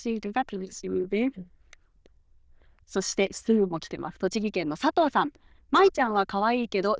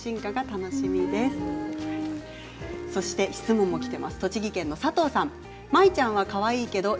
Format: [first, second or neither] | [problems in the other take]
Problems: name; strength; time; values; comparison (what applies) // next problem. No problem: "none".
second | noise reduction (neural diffusion model UNIVERSE++)